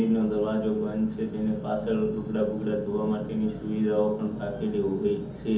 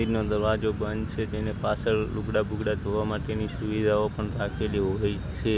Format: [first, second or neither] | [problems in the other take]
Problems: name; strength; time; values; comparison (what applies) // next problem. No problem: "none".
second | room echo; dies away in 0.6 s